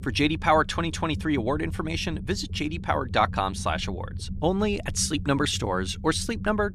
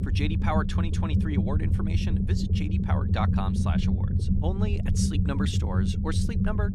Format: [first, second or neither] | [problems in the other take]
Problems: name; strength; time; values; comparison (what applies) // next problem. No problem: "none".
first | low rumble; loud; throughout; 2 dB below the speech; faint in the first